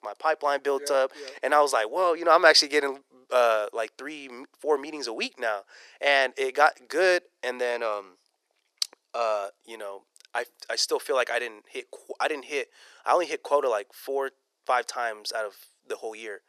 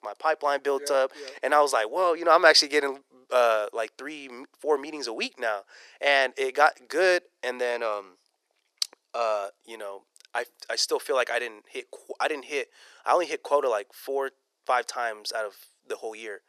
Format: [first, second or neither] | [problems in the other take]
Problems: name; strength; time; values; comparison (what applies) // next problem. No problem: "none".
neither | thin; very; fading below 400 Hz; the same in both